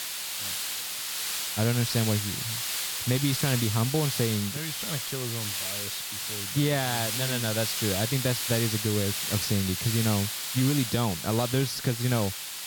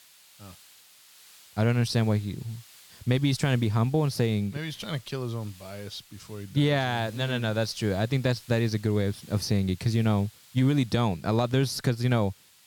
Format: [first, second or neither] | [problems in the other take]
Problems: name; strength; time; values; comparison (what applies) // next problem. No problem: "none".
second | hiss; loud; throughout; 1 dB below the speech; faint in the second